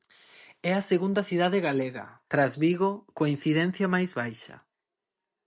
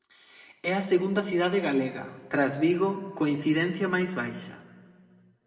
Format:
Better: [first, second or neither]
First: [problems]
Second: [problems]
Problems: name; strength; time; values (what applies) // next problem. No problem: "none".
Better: first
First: none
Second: room echo; dies away in 1.8 s